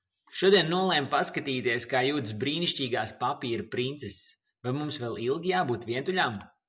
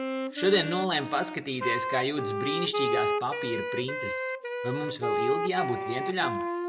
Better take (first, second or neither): first